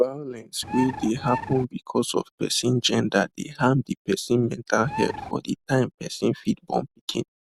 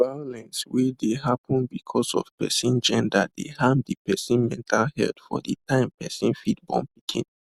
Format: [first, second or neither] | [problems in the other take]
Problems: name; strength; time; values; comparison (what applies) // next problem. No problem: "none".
second | background sound (Bird); 7 dB below the speech